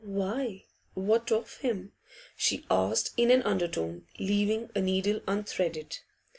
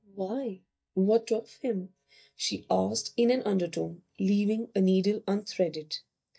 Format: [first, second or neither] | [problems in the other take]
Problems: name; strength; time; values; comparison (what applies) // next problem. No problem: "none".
first | noise reduction (neural mask model DeepFilterNet 3)